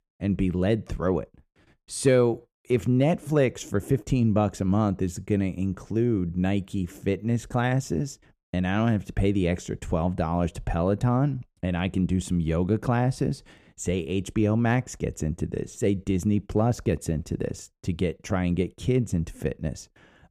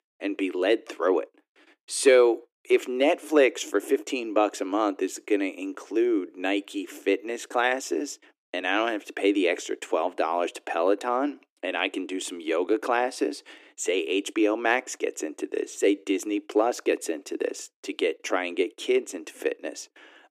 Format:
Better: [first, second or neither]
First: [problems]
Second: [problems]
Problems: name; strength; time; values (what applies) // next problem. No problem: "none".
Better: first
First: none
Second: thin; somewhat; fading below 300 Hz